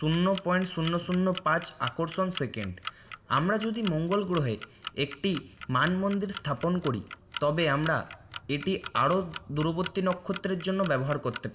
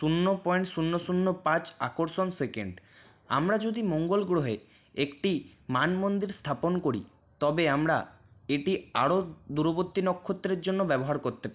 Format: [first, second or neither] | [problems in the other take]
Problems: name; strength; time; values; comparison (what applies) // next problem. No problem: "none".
second | background sound (Clock); 15 dB below the speech // room echo; dies away in 0.7 s